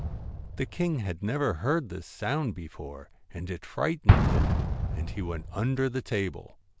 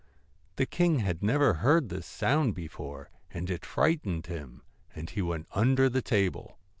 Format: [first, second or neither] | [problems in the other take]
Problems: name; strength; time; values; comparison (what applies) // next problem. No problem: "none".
second | background sound (Explosion); 1 dB above the speech